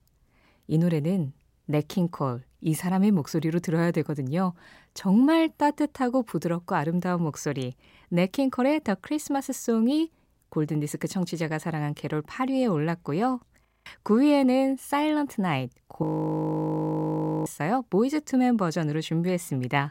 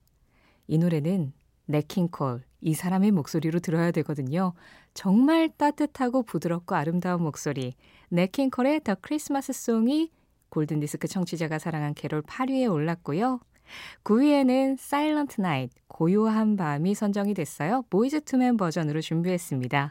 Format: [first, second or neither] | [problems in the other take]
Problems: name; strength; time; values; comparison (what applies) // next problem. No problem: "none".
second | audio freezing; at 14 s and at 16 s for 1.5 s